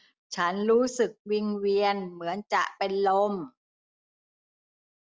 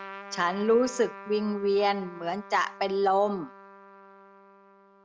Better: first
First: none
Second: background sound (Trumpet); 17 dB below the speech

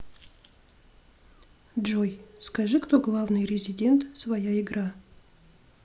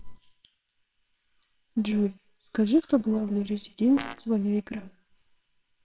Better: first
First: none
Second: noise reduction (neural separator model SepFormer WHAMR!)

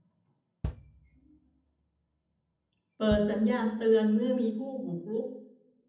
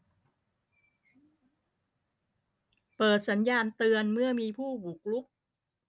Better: second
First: background sound (Bass drum); 14 dB below the speech // room echo; dies away in 0.8 s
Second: none

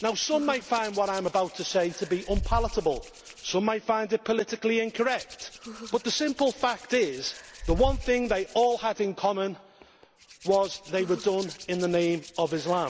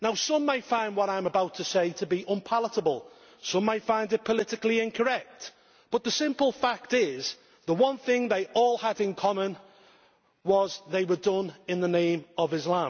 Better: second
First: background sound (Hands); 11 dB below the speech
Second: none

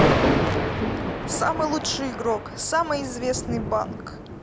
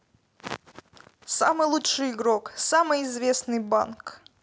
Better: second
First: background sound (Thunder); 2 dB above the speech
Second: none

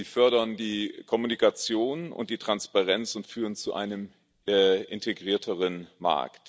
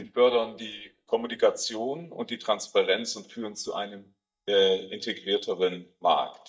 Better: first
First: none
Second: noise reduction (neural mask model DeepFilterNet 3)

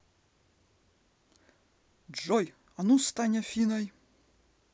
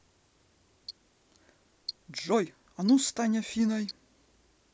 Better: first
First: none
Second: background sound (Tick-tock); 19 dB below the speech

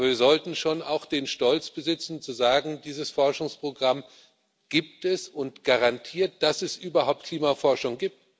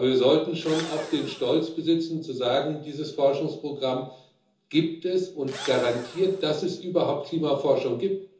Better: first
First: none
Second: background sound (Engine / Drill); 14 dB below the speech // room echo; dies away in 0.6 s

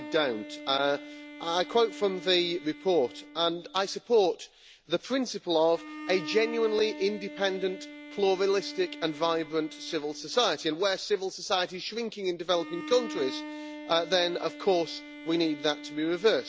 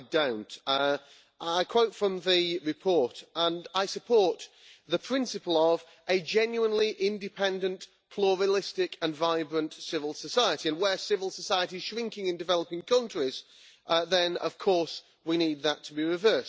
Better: second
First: background sound (Bowed string instrument); 14 dB below the speech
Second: none

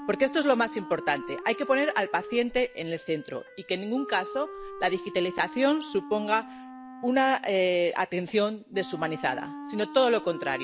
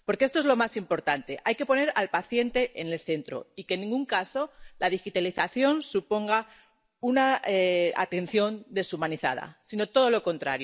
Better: second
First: background sound (Wind instrument, woodwind instrument); 13 dB below the speech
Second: none

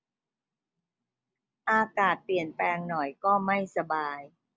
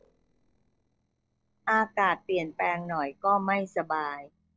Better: first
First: none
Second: noise reduction (neural separator model SepFormer DNS4)

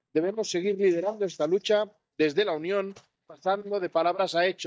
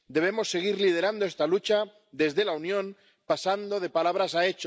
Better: second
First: noise reduction (neural mask model DeepFilterNet 3)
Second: none

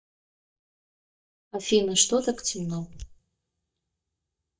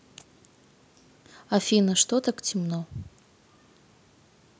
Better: second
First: noise reduction (neural mask model DeepFilterNet 3)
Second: none

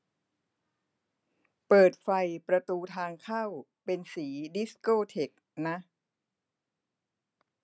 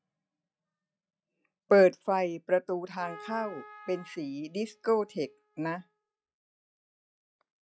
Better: first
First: none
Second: noise reduction (classical method log-MMSE)

